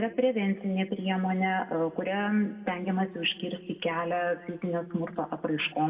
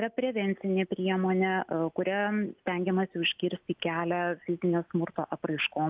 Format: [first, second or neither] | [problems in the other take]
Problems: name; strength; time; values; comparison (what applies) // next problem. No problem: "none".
second | room echo; dies away in 0.9 s